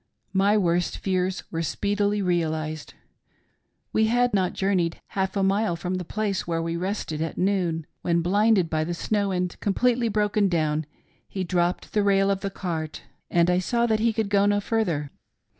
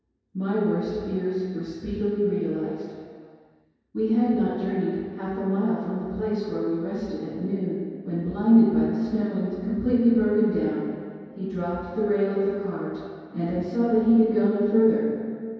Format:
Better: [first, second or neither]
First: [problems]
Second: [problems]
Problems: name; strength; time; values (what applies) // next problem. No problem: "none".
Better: first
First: none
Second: room echo; dies away in 2.2 s